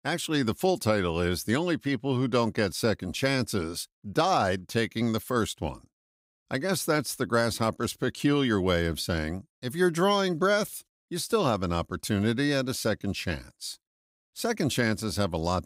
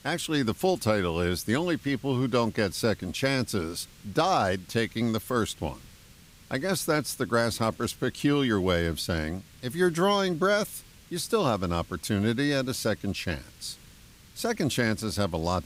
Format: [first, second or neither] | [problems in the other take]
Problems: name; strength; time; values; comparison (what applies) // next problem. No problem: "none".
first | hiss; faint; throughout; 25 dB below the speech